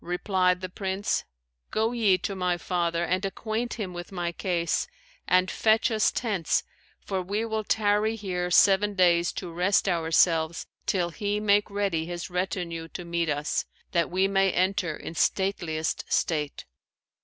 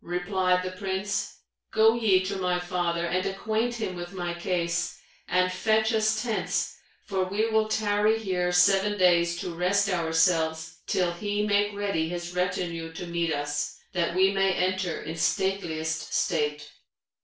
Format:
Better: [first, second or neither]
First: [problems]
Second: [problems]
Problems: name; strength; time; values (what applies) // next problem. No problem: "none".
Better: first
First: none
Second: room echo; dies away in 0.3 s